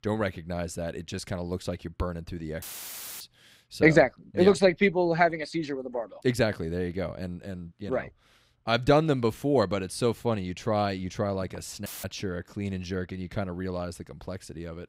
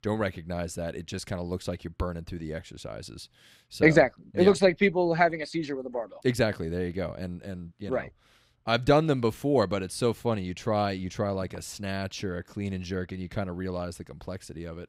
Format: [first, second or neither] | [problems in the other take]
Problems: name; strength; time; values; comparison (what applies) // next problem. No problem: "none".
second | audio cutting out; filled with static; at 2.5 s for 0.5 s and at 12 s